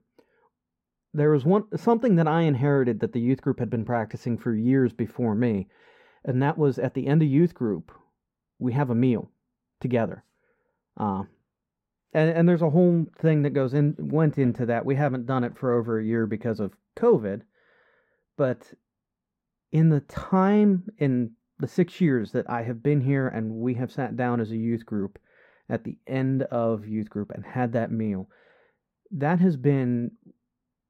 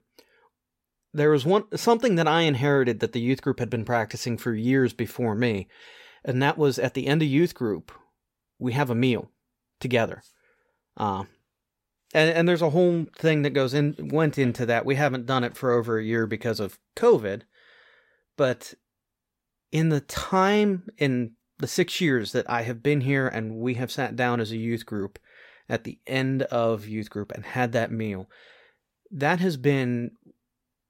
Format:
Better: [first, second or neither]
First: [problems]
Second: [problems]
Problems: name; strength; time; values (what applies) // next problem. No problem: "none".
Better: second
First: muffled; slightly; fading above 2 kHz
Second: none